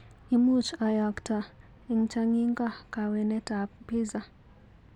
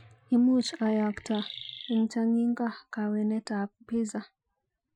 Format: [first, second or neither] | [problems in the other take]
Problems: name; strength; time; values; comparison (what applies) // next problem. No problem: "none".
first | noise reduction (classical method Wiener filter)